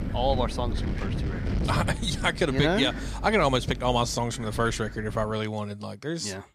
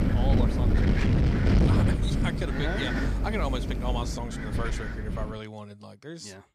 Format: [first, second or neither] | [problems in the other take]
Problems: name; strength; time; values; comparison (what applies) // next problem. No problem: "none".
first | wind noise on the microphone; heavy; until 5.5 s; 2 dB above the speech; occasional gusts in the first